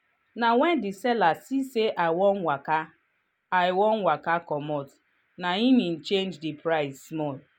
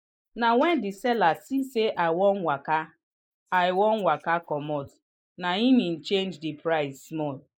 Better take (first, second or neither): first